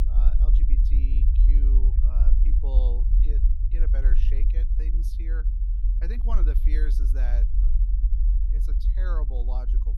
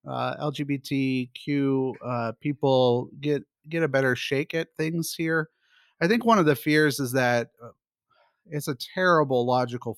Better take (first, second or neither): second